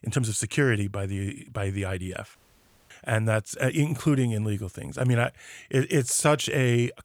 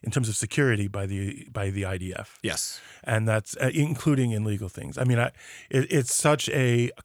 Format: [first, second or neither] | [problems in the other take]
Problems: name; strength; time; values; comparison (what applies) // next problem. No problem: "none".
second | audio cutting out; at 2.5 s for 0.5 s